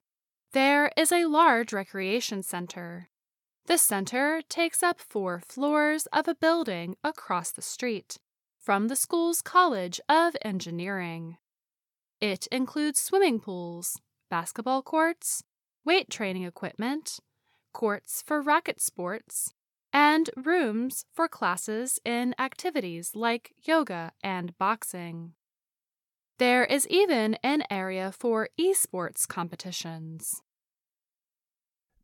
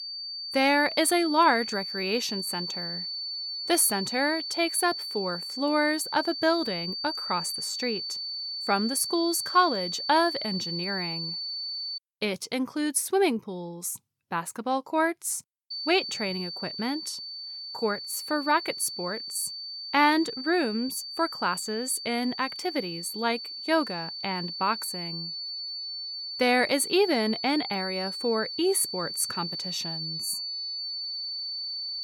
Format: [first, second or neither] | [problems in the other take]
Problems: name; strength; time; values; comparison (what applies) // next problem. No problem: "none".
first | high-pitched whine; loud; until 12 s and from 16 s on; 4.5 kHz, 5 dB below the speech